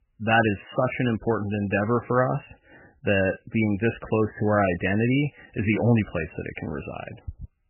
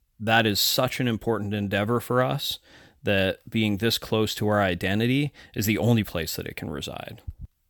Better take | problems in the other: second | garbled, watery; badly; nothing above 3 kHz

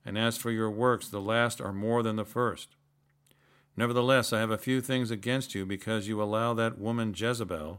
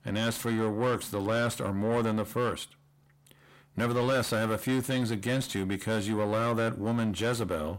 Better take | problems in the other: first | distortion; heavy; 7 dB below the speech

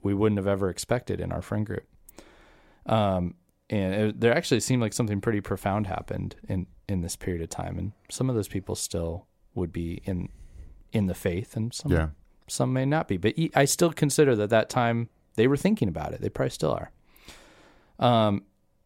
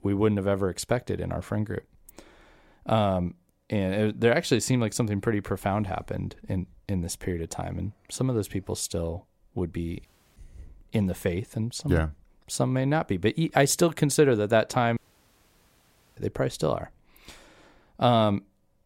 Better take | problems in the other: first | audio cutting out; at 10 s and at 15 s for 1 s

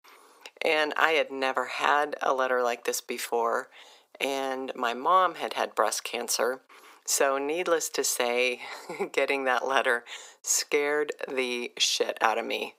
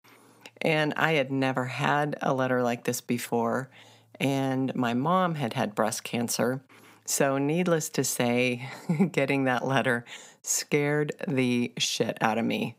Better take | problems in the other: second | thin; very; fading below 400 Hz

